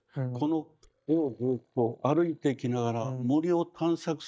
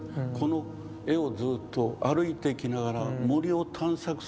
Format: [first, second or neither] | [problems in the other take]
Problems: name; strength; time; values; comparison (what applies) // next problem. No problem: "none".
second | noise reduction (neural mask model DeepFilterNet 3)